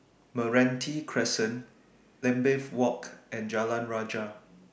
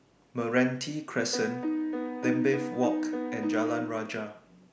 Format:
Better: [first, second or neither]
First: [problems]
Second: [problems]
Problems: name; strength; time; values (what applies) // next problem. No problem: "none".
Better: first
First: none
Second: background sound (Piano); 1 dB below the speech